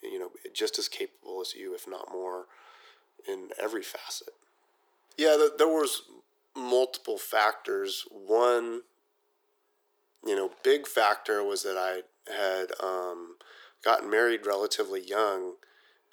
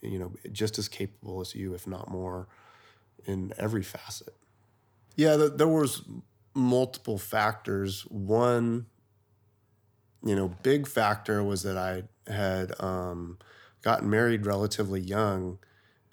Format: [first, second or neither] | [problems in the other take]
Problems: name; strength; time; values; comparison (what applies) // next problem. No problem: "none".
second | thin; very; fading below 350 Hz